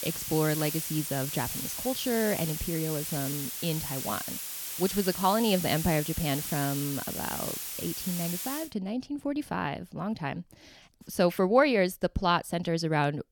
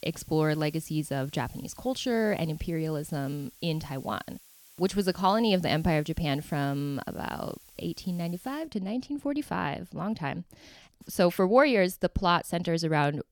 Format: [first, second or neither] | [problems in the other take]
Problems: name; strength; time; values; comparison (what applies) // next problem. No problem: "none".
second | hiss; loud; until 8.5 s; 4 dB below the speech; faint in the second